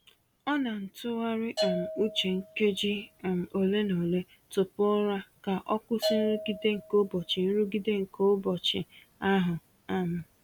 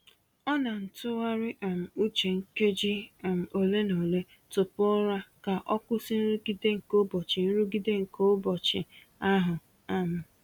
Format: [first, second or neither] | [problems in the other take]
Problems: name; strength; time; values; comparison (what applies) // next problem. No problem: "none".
second | background sound (Bell / Percussion); 11 dB below the speech